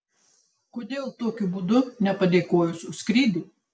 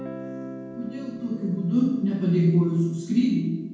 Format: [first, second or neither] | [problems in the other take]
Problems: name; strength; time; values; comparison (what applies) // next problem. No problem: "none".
first | background sound (Guitar); 15 dB below the speech // room echo; dies away in 1.2 s